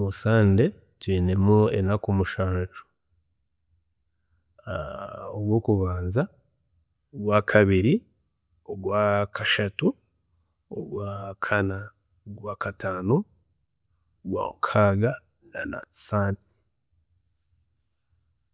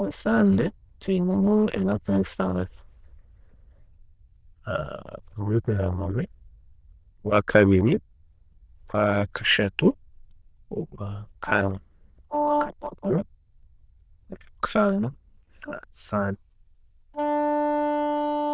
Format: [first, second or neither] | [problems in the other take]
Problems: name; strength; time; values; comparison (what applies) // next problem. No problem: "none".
first | noise reduction (neural diffusion model UNIVERSE++)